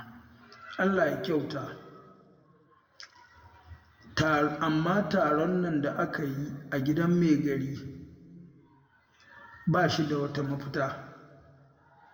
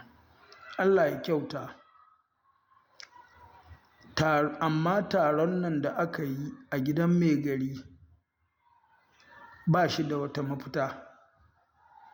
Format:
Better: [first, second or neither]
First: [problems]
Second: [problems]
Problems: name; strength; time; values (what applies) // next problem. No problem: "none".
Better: second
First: room echo; dies away in 1.5 s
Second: none